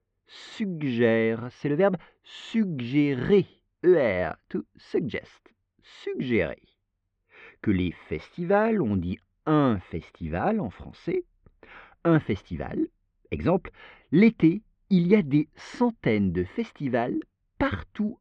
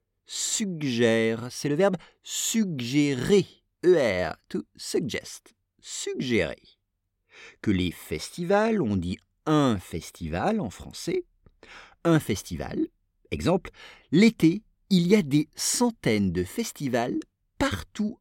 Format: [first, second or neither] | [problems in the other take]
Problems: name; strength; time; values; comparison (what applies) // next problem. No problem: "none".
second | muffled; very; fading above 2.5 kHz